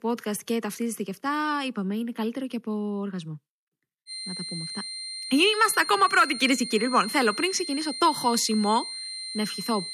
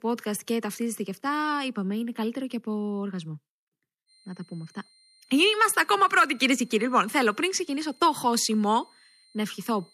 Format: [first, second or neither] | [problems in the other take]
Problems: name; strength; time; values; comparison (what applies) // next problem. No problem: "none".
second | high-pitched whine; loud; from 4 s on; 4 kHz, 8 dB below the speech; faint in the second